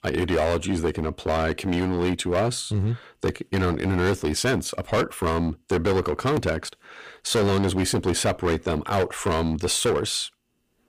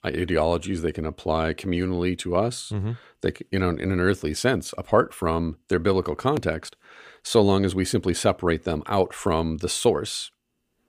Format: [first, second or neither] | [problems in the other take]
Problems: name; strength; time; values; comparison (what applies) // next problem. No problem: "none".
second | distortion; heavy; 12% of the sound clipped